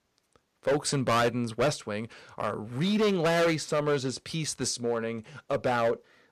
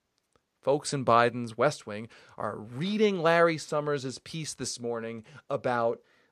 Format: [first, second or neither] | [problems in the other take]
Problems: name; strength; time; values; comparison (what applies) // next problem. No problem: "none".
second | distortion; heavy; 9% of the sound clipped